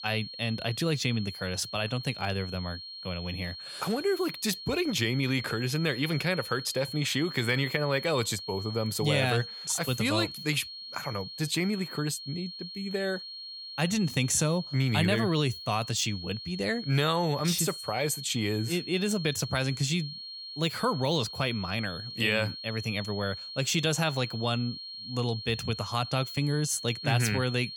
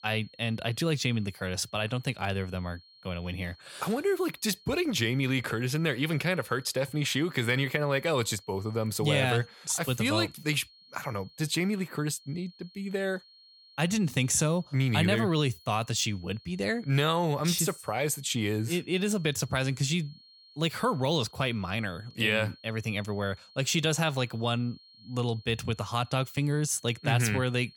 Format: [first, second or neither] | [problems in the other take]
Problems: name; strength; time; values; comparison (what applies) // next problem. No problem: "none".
second | high-pitched whine; loud; throughout; 4.5 kHz, 9 dB below the speech; faint in the second